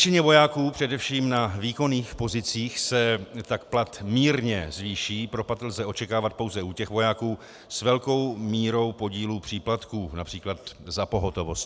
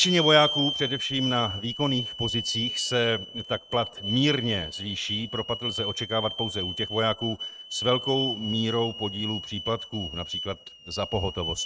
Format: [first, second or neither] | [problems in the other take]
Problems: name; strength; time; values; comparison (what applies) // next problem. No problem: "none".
first | noise reduction (neural mask model RNNoise)